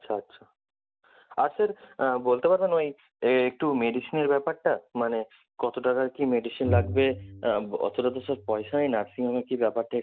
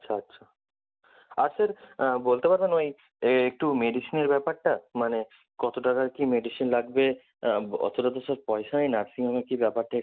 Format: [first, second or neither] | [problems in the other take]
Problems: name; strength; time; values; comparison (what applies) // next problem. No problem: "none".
second | background sound (Bowed string instrument); 7 dB below the speech